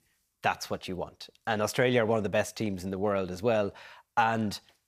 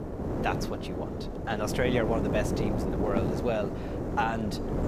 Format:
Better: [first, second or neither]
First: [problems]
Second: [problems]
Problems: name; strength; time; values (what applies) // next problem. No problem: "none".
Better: first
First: none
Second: wind noise on the microphone; heavy; 3 dB below the speech